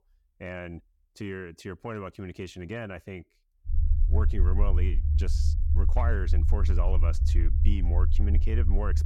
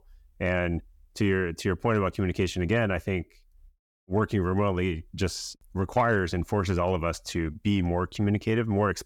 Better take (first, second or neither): second